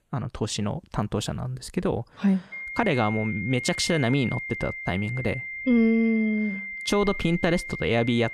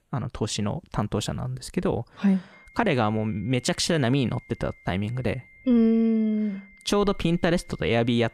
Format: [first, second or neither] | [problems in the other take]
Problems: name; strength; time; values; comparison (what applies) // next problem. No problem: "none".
second | high-pitched whine; loud; from 2.5 s on; 2 kHz, 7 dB below the speech; faint in the second